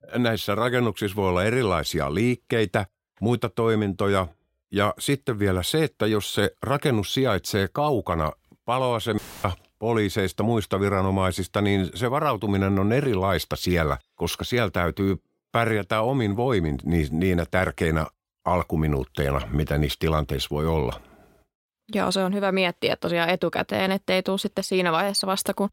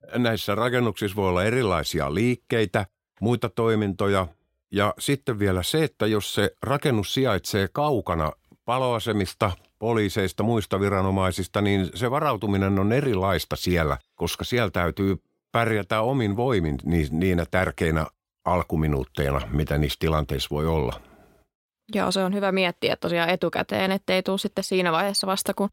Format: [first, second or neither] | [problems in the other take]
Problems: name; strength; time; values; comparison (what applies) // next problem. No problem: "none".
second | audio cutting out; filled with static; at 9 s